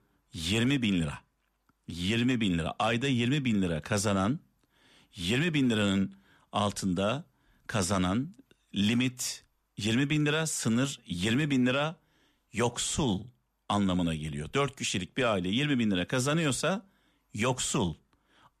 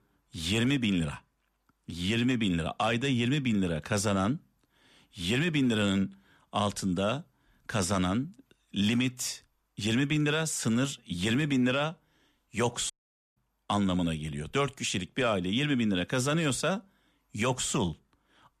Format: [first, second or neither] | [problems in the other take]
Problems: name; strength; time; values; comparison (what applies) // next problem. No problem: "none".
first | audio cutting out; at 13 s